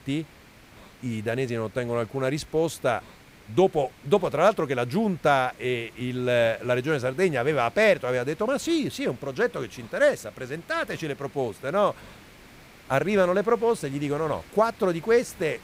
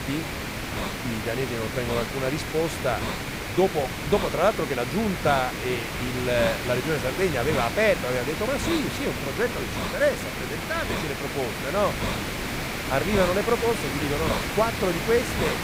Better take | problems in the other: first | hiss; loud; throughout; 3 dB below the speech; faint in the first

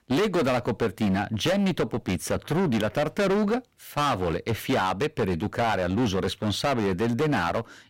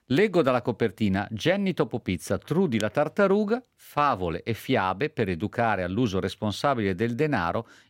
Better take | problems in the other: second | distortion; heavy; 20% of the sound clipped

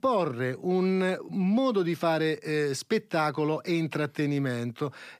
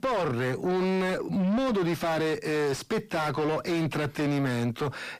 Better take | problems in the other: first | distortion; heavy; 7 dB below the speech

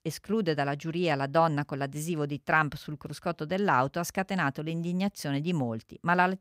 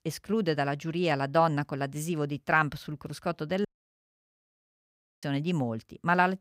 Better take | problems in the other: first | audio cutting out; at 3.5 s for 1.5 s

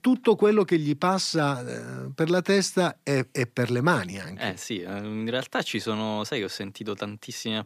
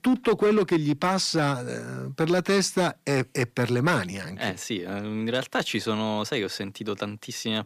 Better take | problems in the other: first | distortion; slight; 4% of the sound clipped

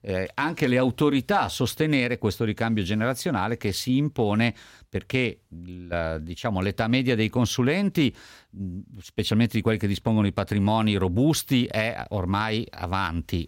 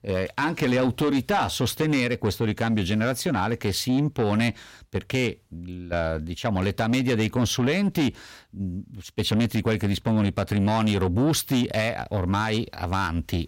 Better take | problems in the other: first | distortion; slight; 10 dB below the speech

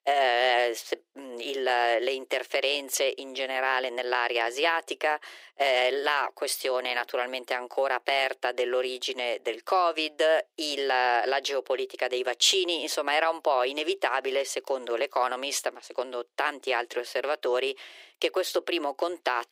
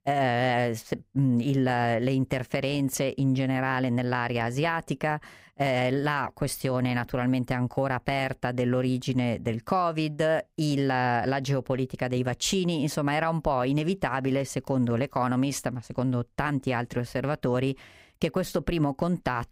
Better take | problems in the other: second | thin; very; fading below 350 Hz

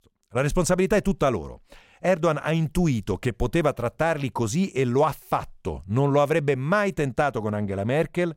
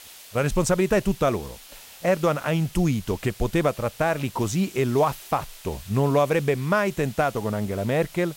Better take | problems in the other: first | hiss; noticeable; throughout; 20 dB below the speech

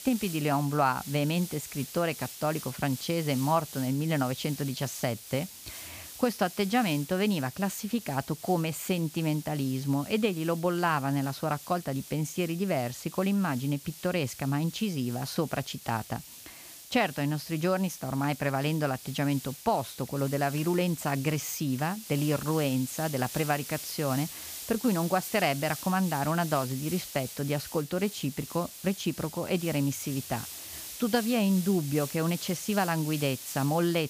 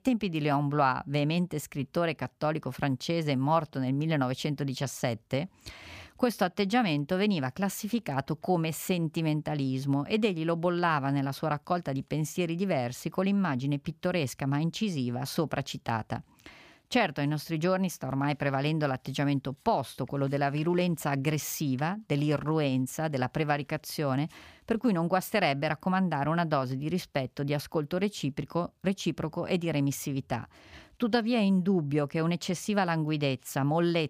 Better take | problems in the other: second | hiss; noticeable; throughout; 10 dB below the speech

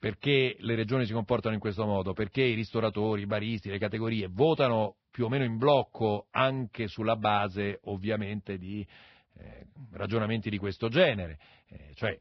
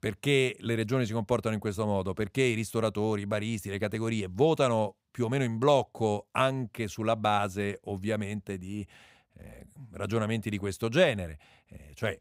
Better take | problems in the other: second | garbled, watery; badly; nothing above 5.5 kHz

